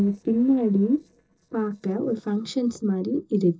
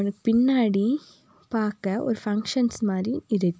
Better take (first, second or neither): second